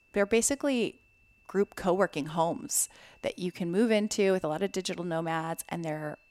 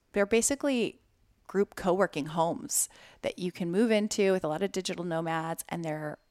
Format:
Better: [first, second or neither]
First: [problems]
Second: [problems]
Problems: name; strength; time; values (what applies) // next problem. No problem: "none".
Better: second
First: high-pitched whine; faint; throughout; 2.5 kHz, 30 dB below the speech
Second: none